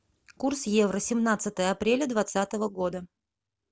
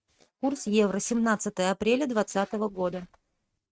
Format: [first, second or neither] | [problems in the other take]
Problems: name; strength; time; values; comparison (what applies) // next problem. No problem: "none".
first | noise reduction (neural mask model RNNoise)